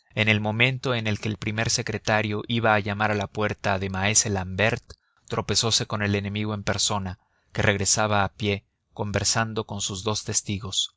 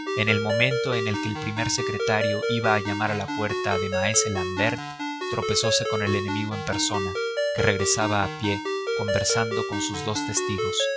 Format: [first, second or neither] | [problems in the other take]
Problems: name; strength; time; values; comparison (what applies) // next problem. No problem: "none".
first | noise reduction (classical method log-MMSE)